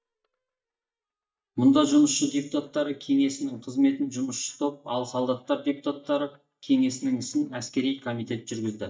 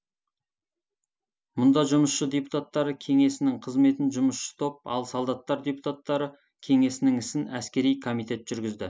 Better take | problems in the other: second | noise reduction (neural mask model DeepFilterNet 3)

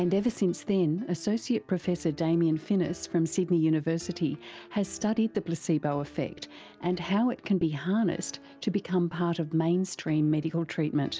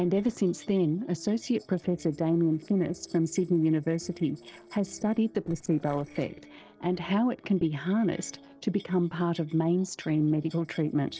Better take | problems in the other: first | noise reduction (neural separator model SepFormer DNS4)

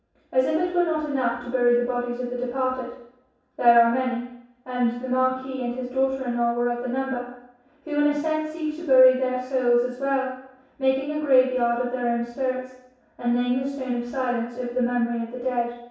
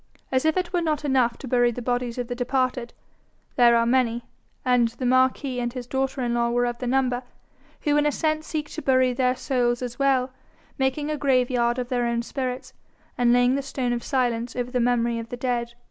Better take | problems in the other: second | room echo; dies away in 0.7 s

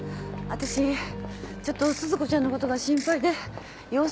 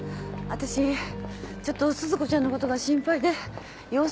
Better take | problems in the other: second | background sound (Ratchet, pawl / Percussion); 14 dB below the speech

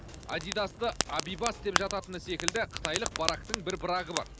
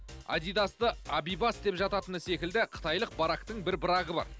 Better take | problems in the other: second | background sound (Fire); 2 dB below the speech

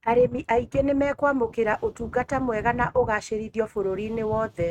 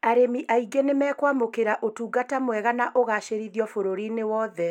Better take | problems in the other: second | noise reduction (neural mask model RNNoise)

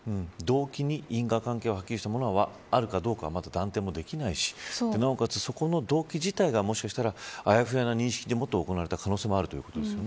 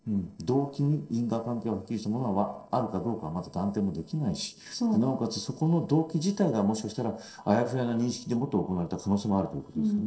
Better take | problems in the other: first | noise reduction (neural separator model SepFormer DNS4)

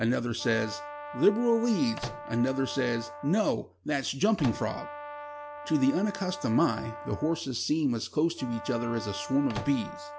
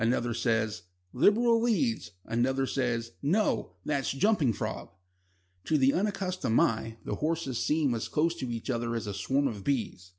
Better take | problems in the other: second | background sound (Brass instrument + Microwave oven); 12 dB below the speech

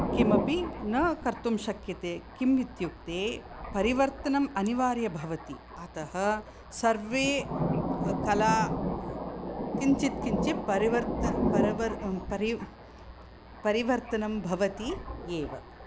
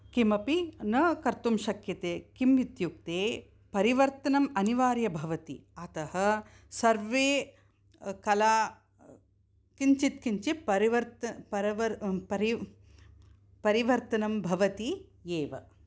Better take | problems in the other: second | background sound (Thunder); 4 dB below the speech

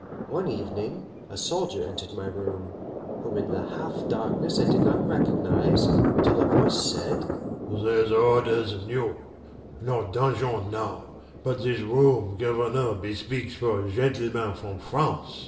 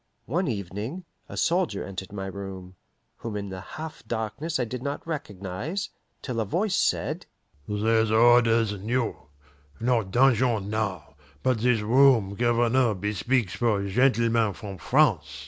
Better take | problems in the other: second | background sound (Thunder); 2 dB below the speech // room echo; dies away in 0.7 s

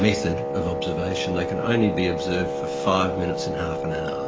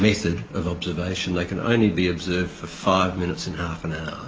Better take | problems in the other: second | background sound (Wind instrument, woodwind instrument); 2 dB below the speech

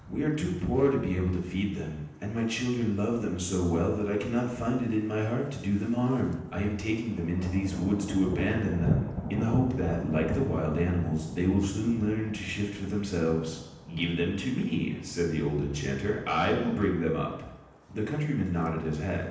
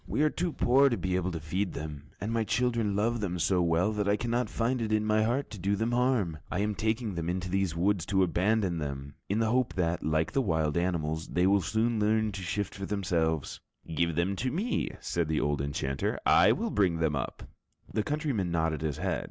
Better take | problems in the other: second | background sound (Thunder); 11 dB below the speech // room echo; dies away in 0.9 s

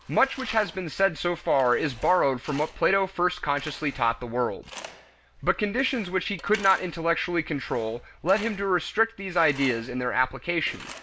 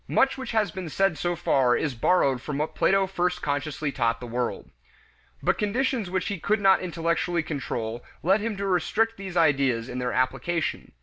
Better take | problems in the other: second | background sound (Tools); 19 dB below the speech

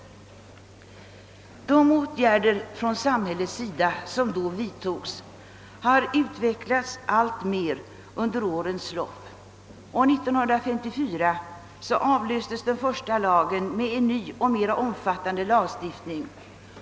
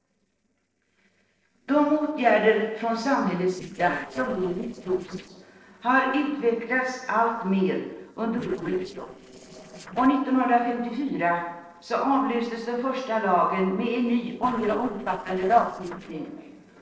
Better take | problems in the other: first | noise reduction (neural separator model SepFormer DNS4)

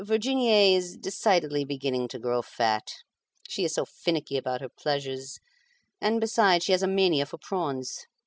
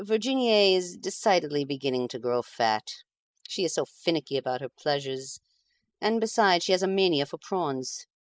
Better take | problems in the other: first | noise reduction (neural mask model Resemble Enhance denoiser)

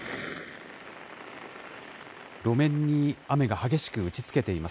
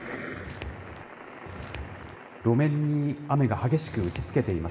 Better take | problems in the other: first | background sound (Walk, footsteps); 12 dB below the speech // room echo; dies away in 1.8 s

